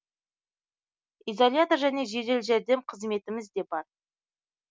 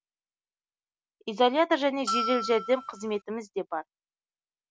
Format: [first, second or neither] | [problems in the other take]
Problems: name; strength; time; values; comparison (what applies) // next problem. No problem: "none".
first | background sound (Bell); 3 dB below the speech